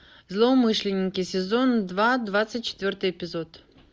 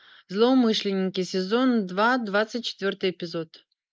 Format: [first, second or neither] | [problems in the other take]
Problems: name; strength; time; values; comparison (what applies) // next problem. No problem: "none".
first | noise reduction (neural mask model Resemble Enhance denoiser)